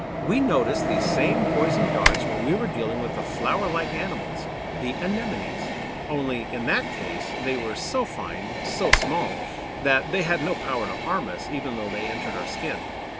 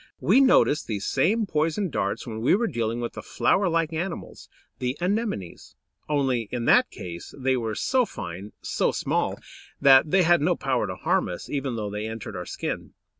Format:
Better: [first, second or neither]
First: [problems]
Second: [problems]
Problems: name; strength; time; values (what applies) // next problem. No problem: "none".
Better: second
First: background sound (Typing + Train); as loud as the speech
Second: none